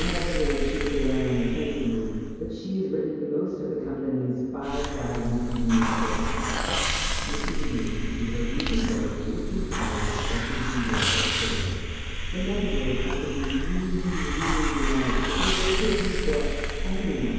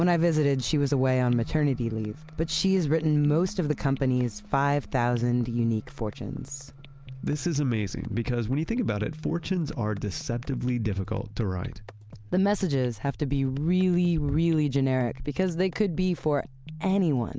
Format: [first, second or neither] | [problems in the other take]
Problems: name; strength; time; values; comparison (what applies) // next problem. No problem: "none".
second | background sound (Hiss); as loud as the speech // room echo; dies away in 2.2 s